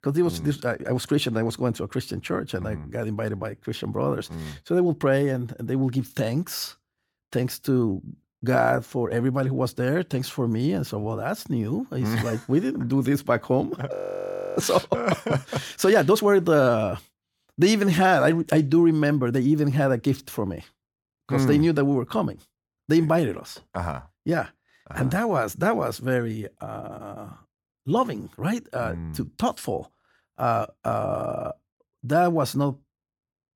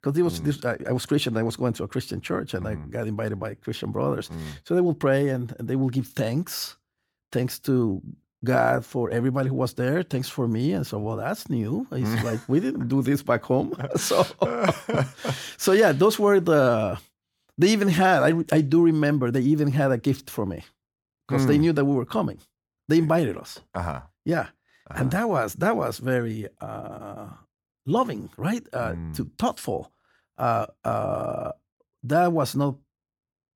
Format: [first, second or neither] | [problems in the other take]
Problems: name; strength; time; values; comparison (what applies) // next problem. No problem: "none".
second | audio freezing; at 14 s for 0.5 s